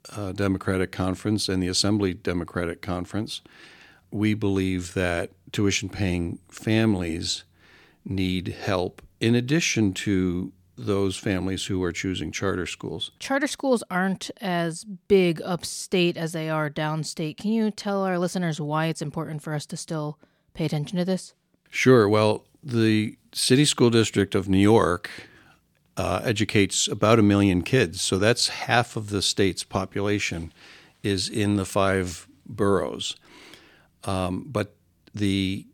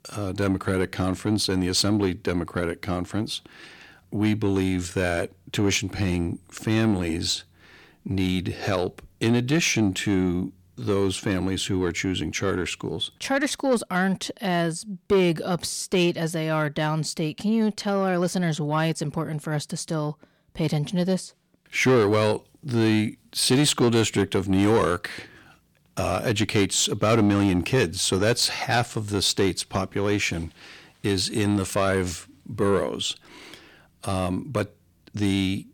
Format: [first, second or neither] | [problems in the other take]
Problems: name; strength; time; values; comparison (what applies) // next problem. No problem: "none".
first | distortion; slight; 10 dB below the speech